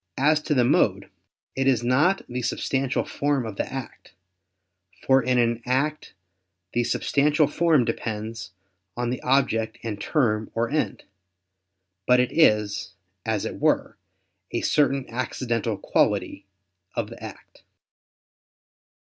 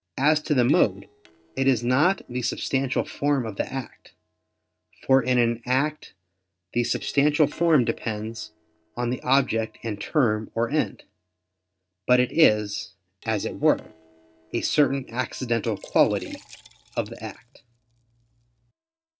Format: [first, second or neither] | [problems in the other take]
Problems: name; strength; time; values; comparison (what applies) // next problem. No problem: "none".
first | noise reduction (neural separator model SepFormer DNS4)